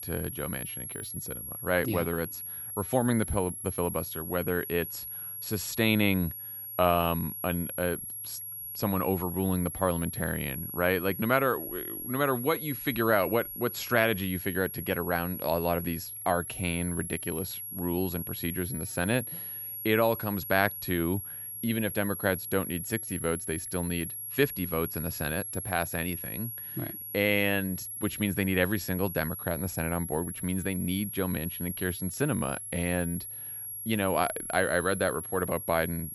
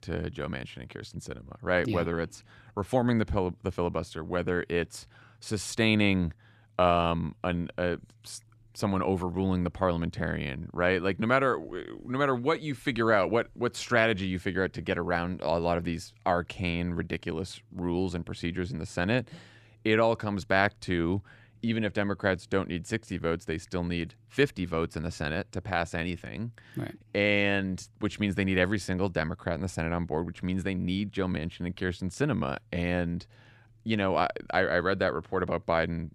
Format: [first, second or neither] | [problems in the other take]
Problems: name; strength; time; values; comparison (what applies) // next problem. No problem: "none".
second | high-pitched whine; loud; throughout; 11.5 kHz, 6 dB below the speech